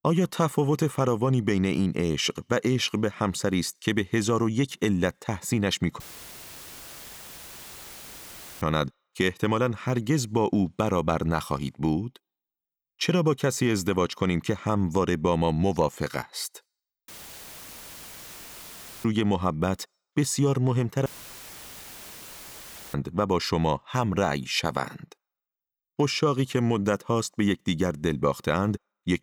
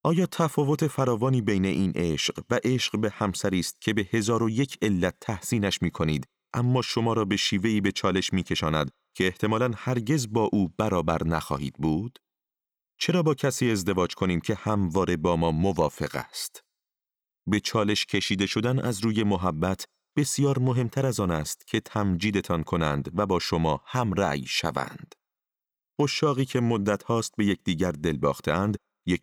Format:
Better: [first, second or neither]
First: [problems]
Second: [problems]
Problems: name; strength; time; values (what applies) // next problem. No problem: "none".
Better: second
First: audio cutting out; filled with static; at 6 s for 2.5 s, at 17 s for 2 s and at 21 s for 2 s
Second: none